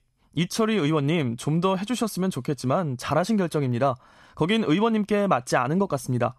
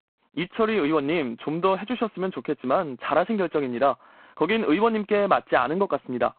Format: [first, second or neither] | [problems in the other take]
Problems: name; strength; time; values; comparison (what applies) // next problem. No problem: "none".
first | phone-call audio; poor line